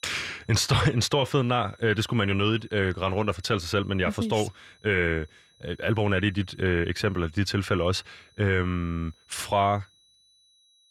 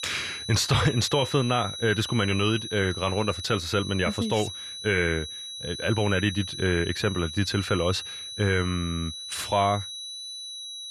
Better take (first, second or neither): first